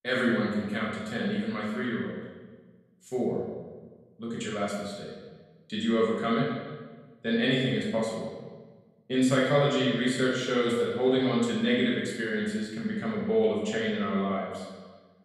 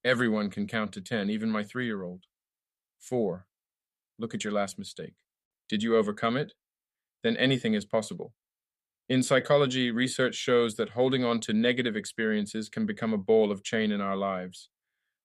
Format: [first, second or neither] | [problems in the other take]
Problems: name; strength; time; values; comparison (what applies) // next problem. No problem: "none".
second | room echo; noticeable; dies away in 1.2 s // off-mic speech; far